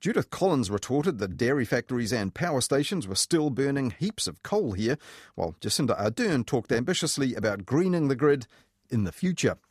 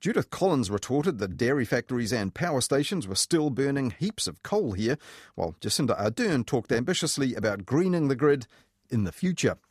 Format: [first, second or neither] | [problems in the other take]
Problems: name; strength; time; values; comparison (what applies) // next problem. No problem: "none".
neither | none